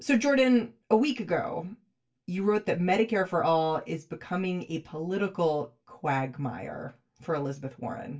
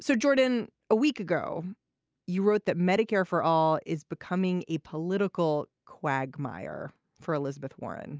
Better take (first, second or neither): second